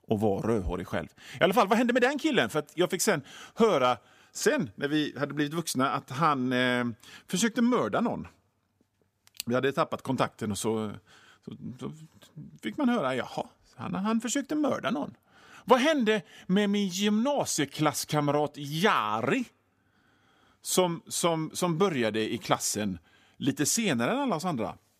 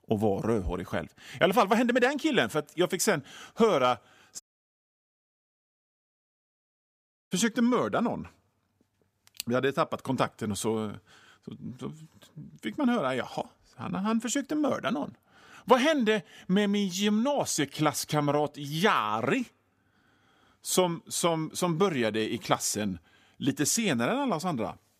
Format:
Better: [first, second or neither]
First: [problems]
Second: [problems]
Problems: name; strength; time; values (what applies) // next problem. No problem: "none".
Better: first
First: none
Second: audio cutting out; at 4.5 s for 3 s